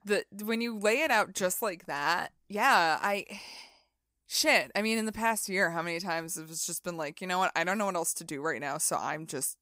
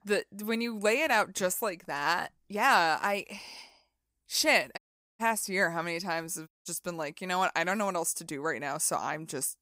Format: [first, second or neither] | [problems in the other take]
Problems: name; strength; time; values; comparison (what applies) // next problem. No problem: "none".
first | audio cutting out; at 5 s and at 6.5 s